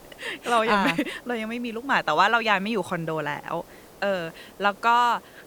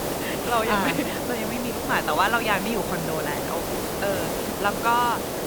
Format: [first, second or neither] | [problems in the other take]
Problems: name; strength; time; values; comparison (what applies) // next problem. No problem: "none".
first | hiss; loud; throughout; 2 dB below the speech; faint in the first